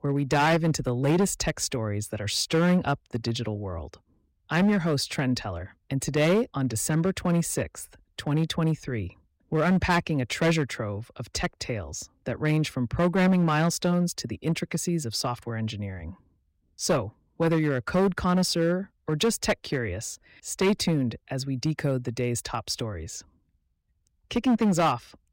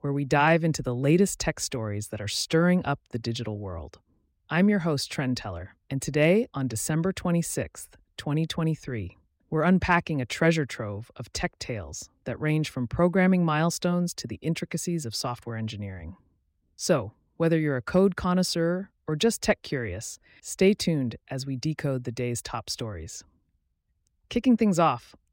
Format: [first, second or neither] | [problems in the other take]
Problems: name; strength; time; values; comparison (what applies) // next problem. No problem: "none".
second | distortion; slight; 5% of the sound clipped